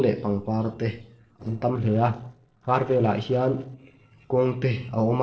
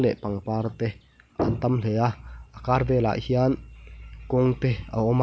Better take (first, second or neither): second